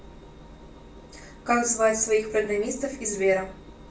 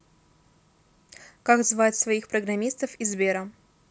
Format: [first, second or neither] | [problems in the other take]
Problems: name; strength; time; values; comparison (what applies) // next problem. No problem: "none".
second | background sound (Engine); 19 dB below the speech // room echo; dies away in 0.3 s